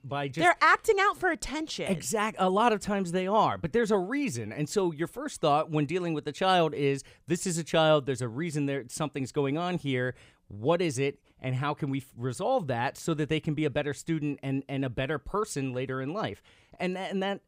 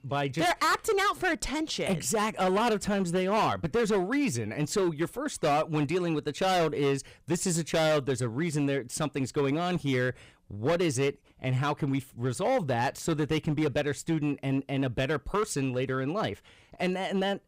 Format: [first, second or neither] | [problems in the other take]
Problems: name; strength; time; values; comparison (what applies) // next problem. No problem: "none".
first | distortion; heavy; 11% of the sound clipped